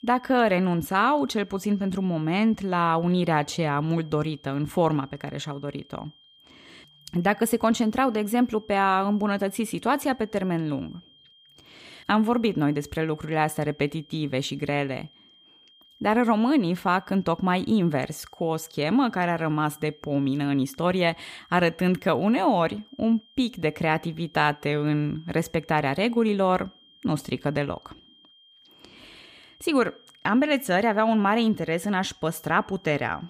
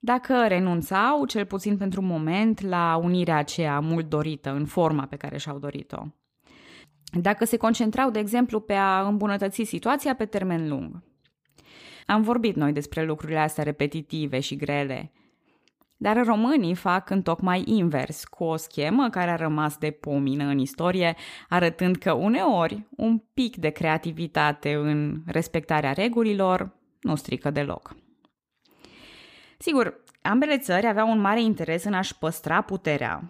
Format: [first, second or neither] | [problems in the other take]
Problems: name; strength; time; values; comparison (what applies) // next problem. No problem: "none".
second | high-pitched whine; faint; throughout; 3 kHz, 30 dB below the speech